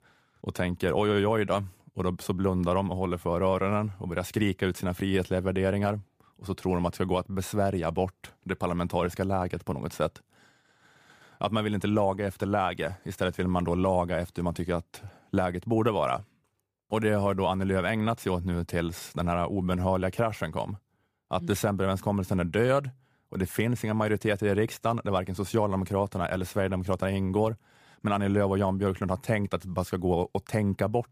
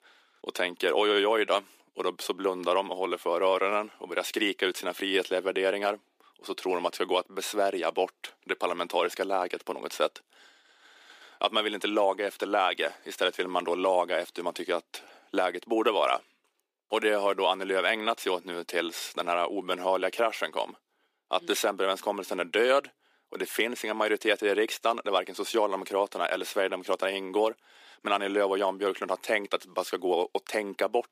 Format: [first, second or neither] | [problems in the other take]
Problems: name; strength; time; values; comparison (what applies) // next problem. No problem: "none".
first | thin; very; fading below 300 Hz